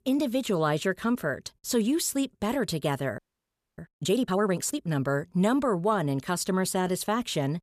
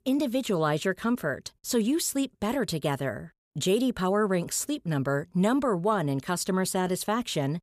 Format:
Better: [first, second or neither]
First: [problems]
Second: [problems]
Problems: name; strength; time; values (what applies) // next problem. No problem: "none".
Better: second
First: audio freezing; at 3 s for 0.5 s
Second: none